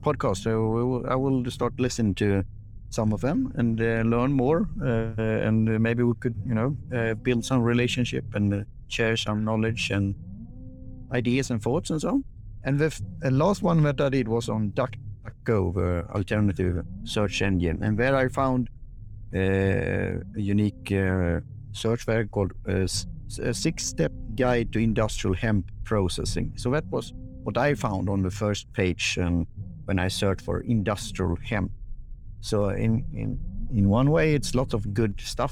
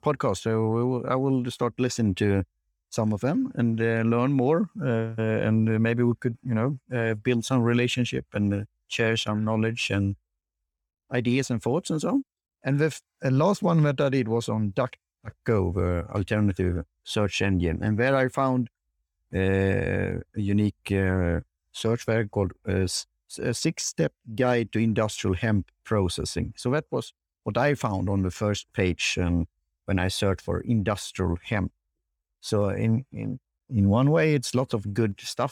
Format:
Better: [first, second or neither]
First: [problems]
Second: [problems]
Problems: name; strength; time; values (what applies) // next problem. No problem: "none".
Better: second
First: low rumble; faint; throughout; 25 dB below the speech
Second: none